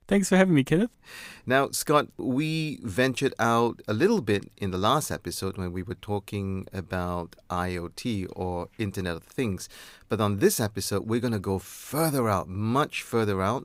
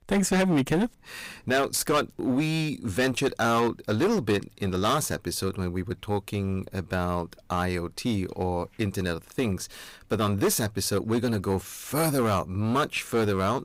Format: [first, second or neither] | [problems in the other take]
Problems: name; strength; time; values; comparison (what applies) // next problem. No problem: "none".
first | distortion; heavy; 9% of the sound clipped